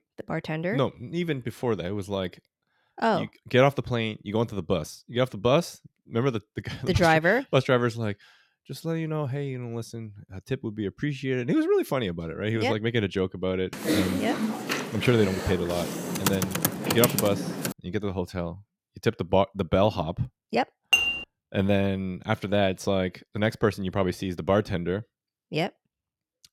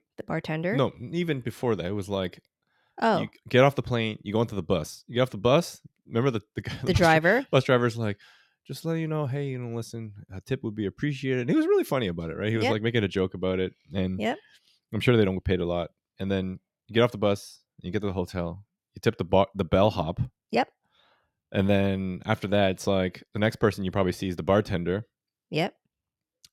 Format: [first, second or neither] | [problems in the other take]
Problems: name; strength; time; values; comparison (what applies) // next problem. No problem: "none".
second | keyboard typing; loud; from 14 to 18 s; peak 3 dB above the speech // clattering dishes; loud; at 21 s; peak 6 dB above the speech